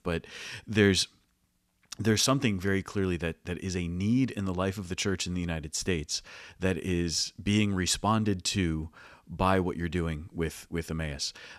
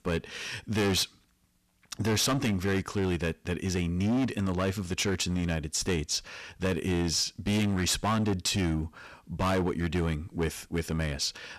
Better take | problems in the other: first | distortion; heavy; 13% of the sound clipped

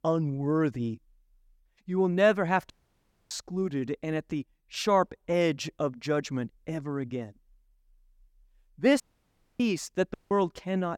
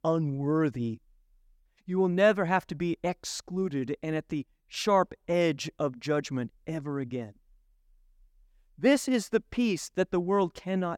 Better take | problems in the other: second | audio cutting out; at 2.5 s for 0.5 s, at 9 s for 0.5 s and at 10 s

